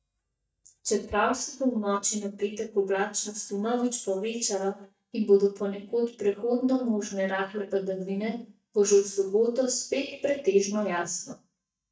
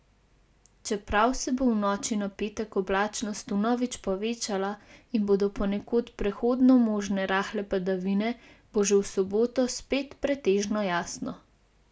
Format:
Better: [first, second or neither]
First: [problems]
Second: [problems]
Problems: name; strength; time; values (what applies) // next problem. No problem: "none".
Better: second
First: noise reduction (neural mask model DeepFilterNet 3)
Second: none